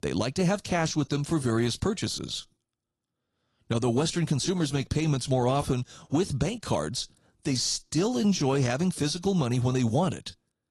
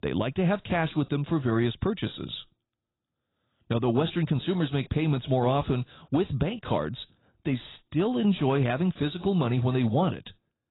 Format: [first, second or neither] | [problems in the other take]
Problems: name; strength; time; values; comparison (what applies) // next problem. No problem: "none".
first | garbled, watery; badly; nothing above 4 kHz; slightly in the first